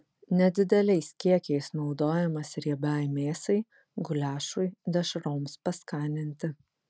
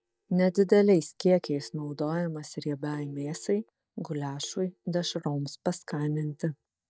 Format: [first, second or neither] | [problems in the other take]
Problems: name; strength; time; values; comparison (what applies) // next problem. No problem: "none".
first | noise reduction (neural mask model DeepFilterNet 3)